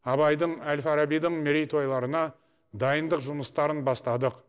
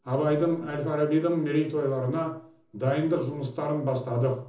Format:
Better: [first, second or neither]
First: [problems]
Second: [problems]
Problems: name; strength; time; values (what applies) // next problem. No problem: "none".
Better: first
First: none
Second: room echo; dies away in 0.6 s